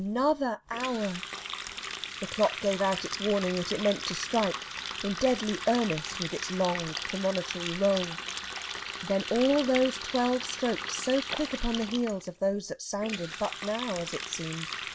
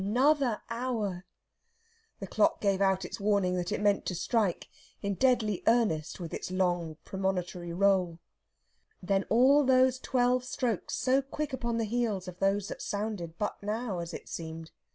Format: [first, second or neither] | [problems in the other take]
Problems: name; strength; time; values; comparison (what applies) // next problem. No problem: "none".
second | background sound (Water tap, faucet); 7 dB below the speech